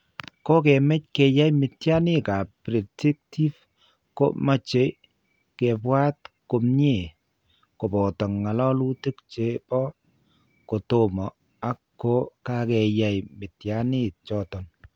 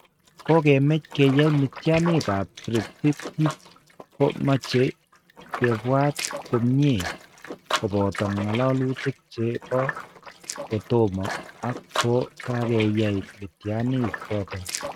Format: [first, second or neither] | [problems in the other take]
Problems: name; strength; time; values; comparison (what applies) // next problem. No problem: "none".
first | noise reduction (neural mask model RNNoise)